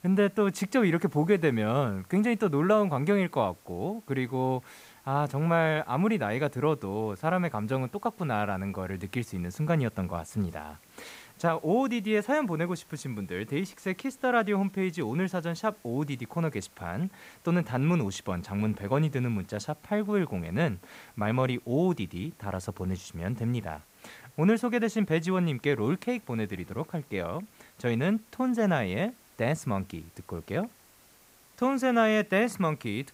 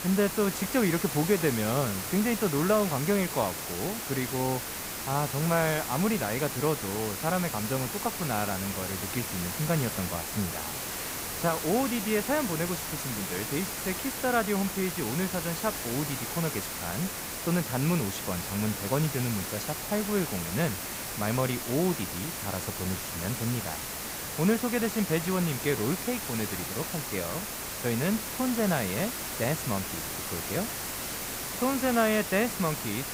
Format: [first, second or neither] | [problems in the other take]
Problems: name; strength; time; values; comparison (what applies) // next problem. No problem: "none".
first | hiss; loud; throughout; 3 dB below the speech; faint in the first